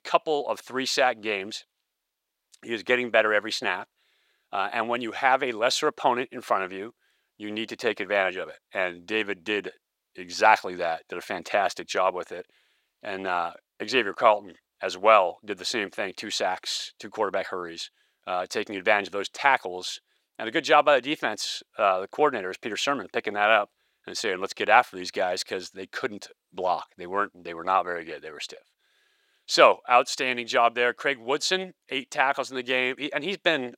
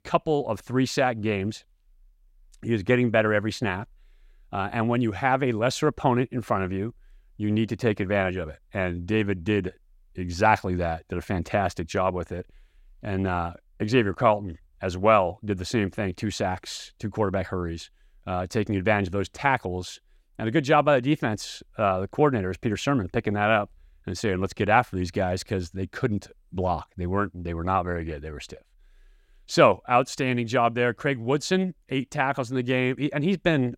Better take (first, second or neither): second